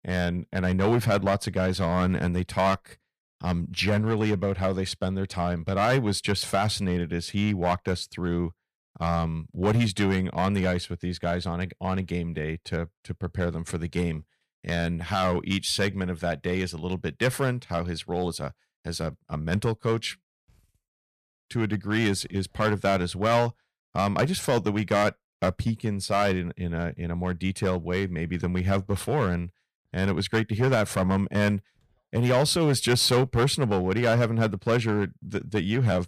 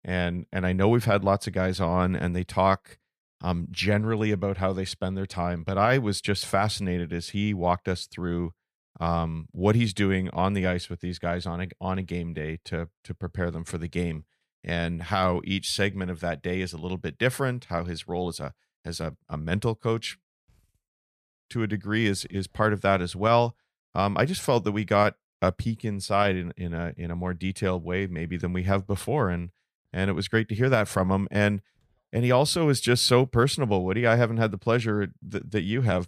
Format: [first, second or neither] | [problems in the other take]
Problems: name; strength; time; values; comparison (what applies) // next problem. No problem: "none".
second | distortion; slight; 4% of the sound clipped